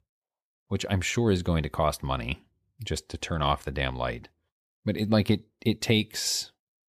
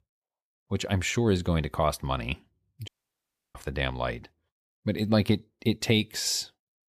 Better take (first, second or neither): first